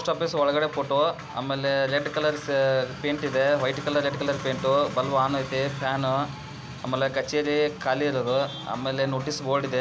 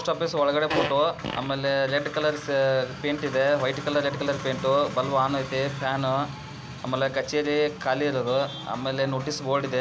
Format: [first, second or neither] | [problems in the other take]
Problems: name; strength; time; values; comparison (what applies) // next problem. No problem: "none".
first | background sound (Fart); 6 dB below the speech